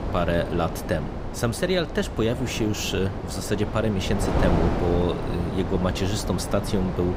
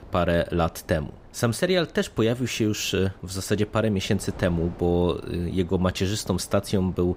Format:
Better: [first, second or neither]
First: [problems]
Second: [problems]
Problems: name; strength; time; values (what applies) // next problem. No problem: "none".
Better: second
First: wind noise on the microphone; heavy; 5 dB below the speech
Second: wind noise on the microphone; occasional gusts; 25 dB below the speech